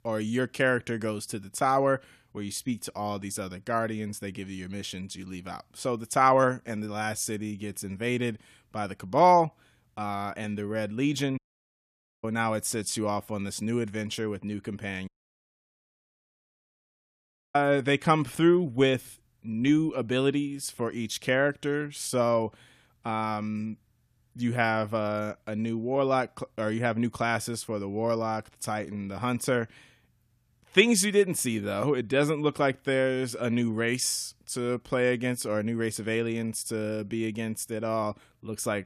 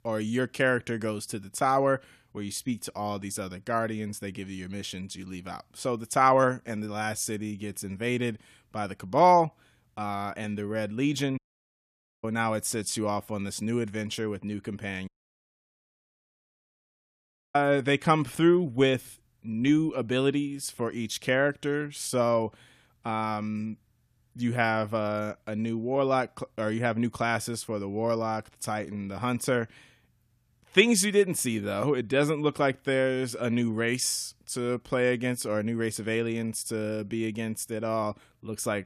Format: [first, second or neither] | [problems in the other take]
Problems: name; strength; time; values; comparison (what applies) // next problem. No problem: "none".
neither | audio cutting out; at 11 s for 1 s and at 15 s for 2.5 s; the same in both